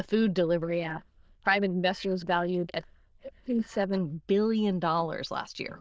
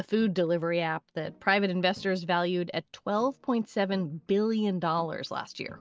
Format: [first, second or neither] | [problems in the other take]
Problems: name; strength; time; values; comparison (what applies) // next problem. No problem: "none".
second | noise reduction (neural diffusion model UNIVERSE++)